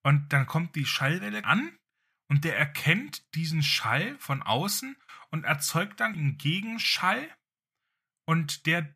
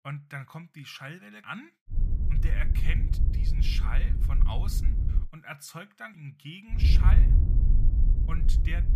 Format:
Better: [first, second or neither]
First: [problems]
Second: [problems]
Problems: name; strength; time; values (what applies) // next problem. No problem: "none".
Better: first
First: none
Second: wind noise on the microphone; heavy; from 2 to 5 s and from 6.5 s on; 5 dB below the speech